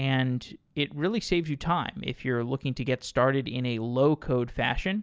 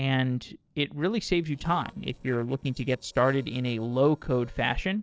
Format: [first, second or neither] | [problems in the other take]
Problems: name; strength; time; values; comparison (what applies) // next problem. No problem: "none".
first | noise reduction (neural separator model SepFormer DNS4)